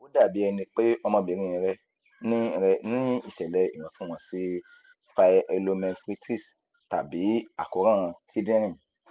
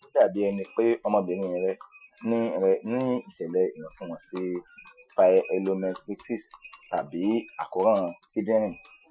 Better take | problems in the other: first | noise reduction (classical method Wiener filter)

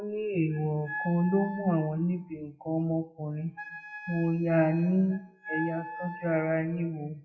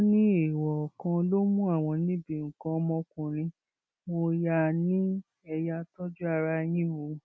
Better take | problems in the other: second | noise reduction (classical method WPE with log-MMSE)

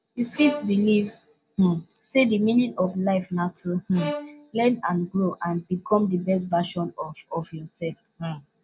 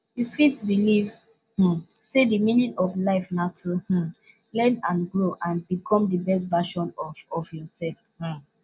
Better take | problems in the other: second | background sound (Bowed string instrument); 12 dB below the speech

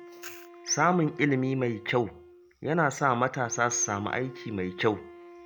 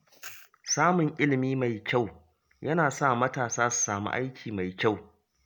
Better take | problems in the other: second | background sound (Wind instrument, woodwind instrument); 18 dB below the speech

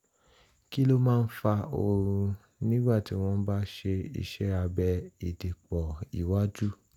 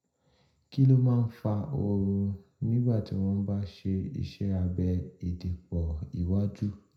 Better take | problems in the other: first | room echo; dies away in 0.4 s

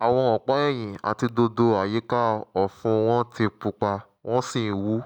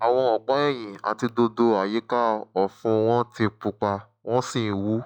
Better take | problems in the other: first | noise reduction (classical method log-MMSE)

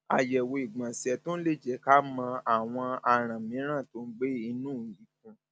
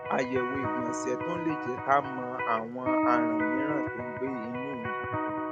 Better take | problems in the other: first | background sound (Electric guitar); 1 dB above the speech

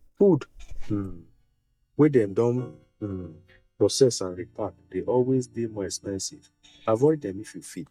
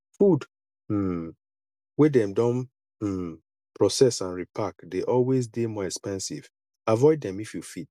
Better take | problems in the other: second | noise reduction (neural mask model DeepFilterNet 3)

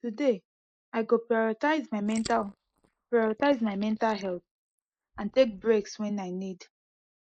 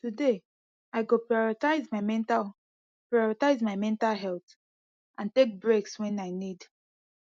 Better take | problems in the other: second | noise reduction (neural mask model Resemble Enhance denoiser)

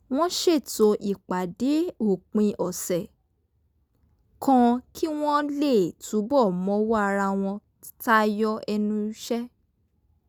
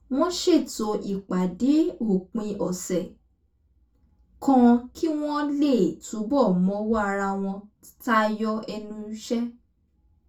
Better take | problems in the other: first | room echo; dies away in 0.2 s

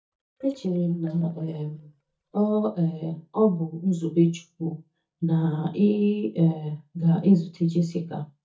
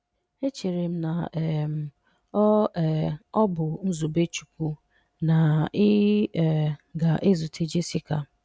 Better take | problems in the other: second | noise reduction (neural mask model DeepFilterNet 3)

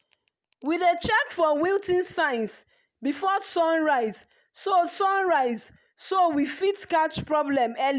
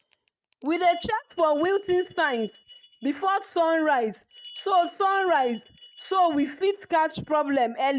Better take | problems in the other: first | noise reduction (neural mask model RNNoise)

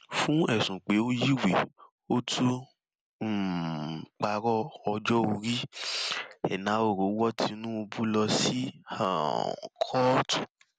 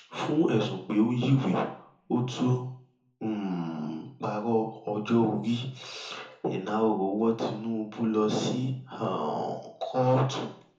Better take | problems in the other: first | room echo; dies away in 0.6 s

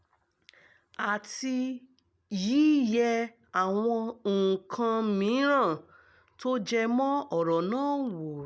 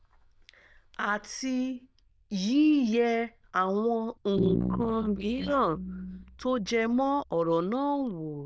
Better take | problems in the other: first | noise reduction (neural diffusion model UNIVERSE++)

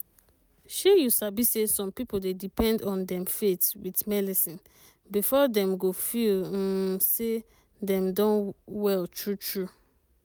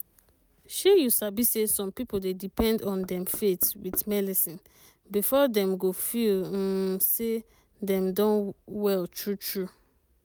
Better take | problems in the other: first | background sound (Knock); 18 dB below the speech

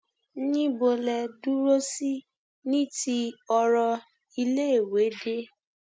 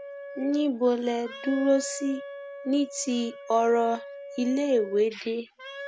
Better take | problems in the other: first | background sound (Wind instrument, woodwind instrument); 14 dB below the speech

